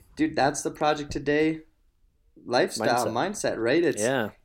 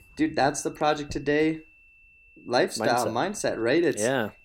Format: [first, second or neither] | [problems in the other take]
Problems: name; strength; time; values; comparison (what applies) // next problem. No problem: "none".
first | high-pitched whine; faint; throughout; 2.5 kHz, 30 dB below the speech